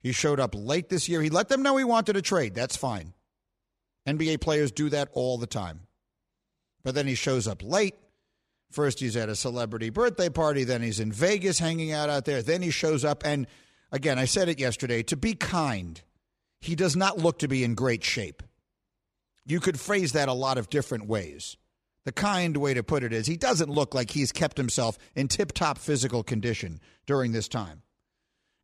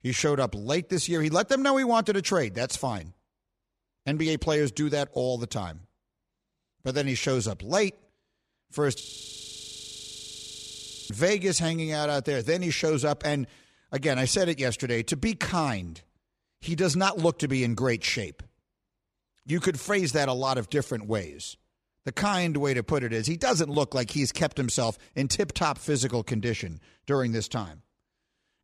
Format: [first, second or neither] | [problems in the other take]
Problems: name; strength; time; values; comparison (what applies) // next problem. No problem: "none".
first | audio freezing; at 9 s for 2 s